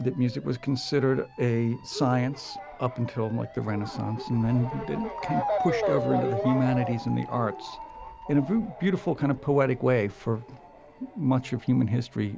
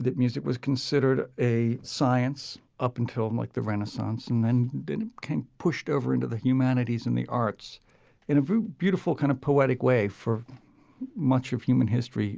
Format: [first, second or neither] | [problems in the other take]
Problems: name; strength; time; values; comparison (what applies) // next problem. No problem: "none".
second | background sound (Motor vehicle (road) / Siren); 8 dB below the speech